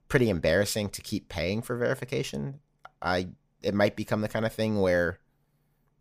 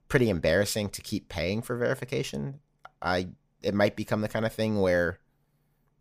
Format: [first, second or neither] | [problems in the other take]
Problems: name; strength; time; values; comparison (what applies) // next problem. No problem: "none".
neither | none